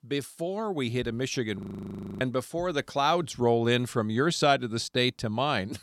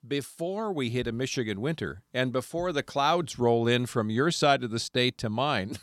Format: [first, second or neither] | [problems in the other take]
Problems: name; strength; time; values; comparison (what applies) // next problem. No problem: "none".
second | audio freezing; at 1.5 s for 0.5 s